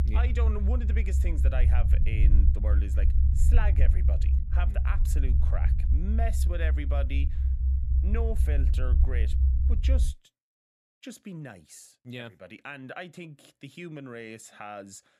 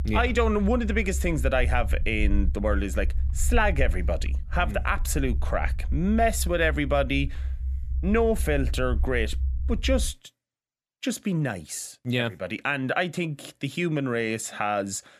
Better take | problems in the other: second | low rumble; loud; until 10 s; 5 dB below the speech; faint in the second

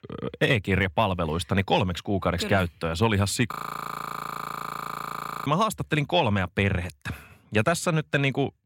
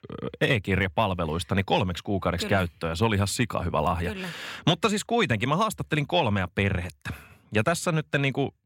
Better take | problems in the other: second | audio freezing; at 3.5 s for 2 s

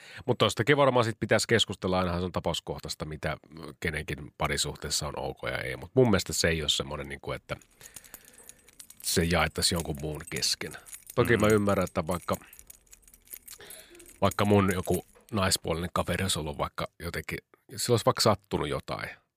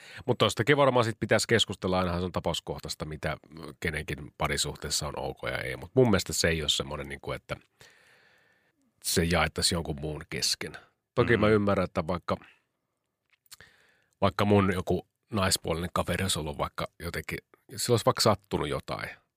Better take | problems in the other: second | jangling keys; faint; from 7.5 to 15 s; peak 10 dB below the speech

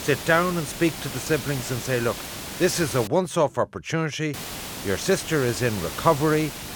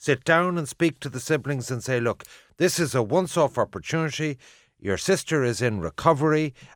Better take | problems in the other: second | hiss; loud; until 3 s and from 4.5 s on; 9 dB below the speech

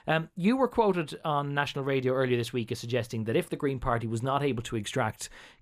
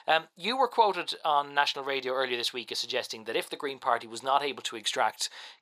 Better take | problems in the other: first | thin; very; fading below 550 Hz

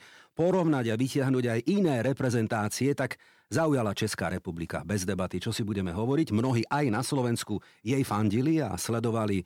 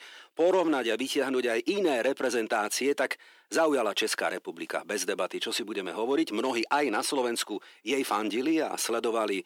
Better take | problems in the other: first | thin; somewhat; fading below 300 Hz

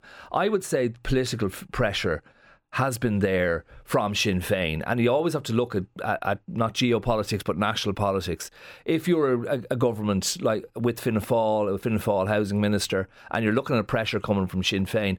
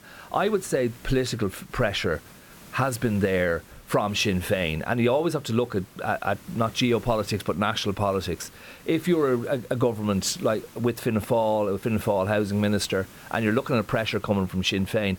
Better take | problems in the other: first | hiss; faint; throughout; 20 dB below the speech

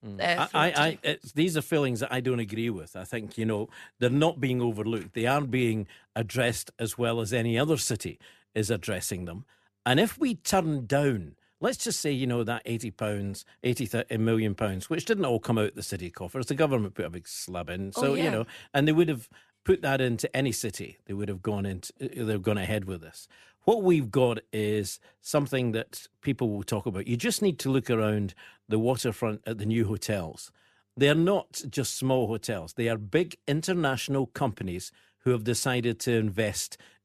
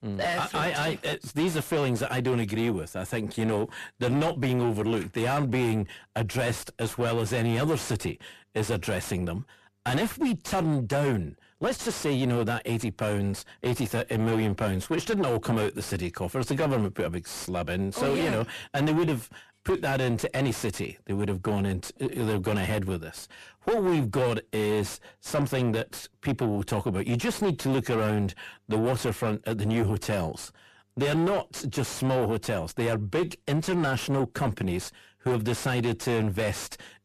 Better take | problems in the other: first | distortion; heavy; 6 dB below the speech

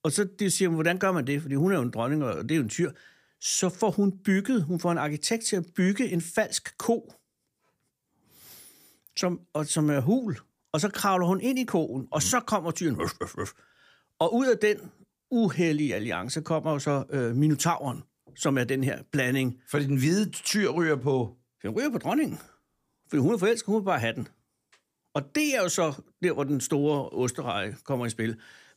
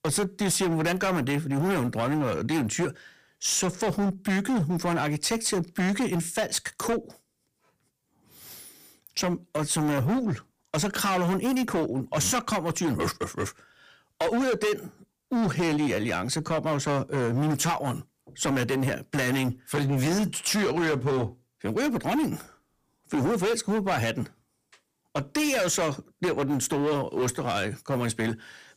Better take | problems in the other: first | distortion; heavy; 19% of the sound clipped

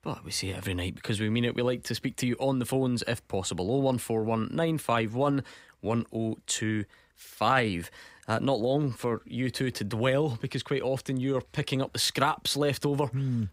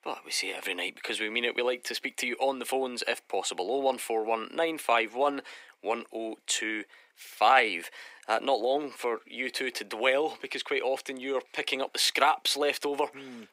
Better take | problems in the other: first | thin; very; fading below 350 Hz

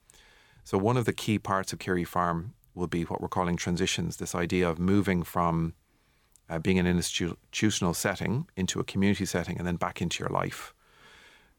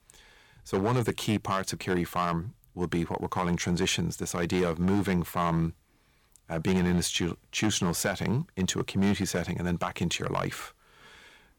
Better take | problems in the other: first | distortion; slight; 4% of the sound clipped

